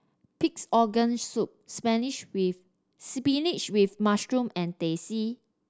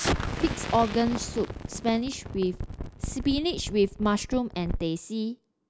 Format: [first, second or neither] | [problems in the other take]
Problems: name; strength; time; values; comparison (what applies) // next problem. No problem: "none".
first | background sound (Explosion); 6 dB below the speech